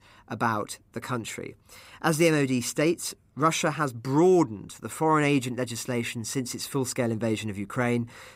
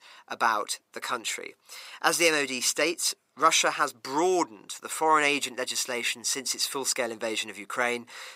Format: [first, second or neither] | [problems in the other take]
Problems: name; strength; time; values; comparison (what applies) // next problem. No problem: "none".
first | thin; very; fading below 550 Hz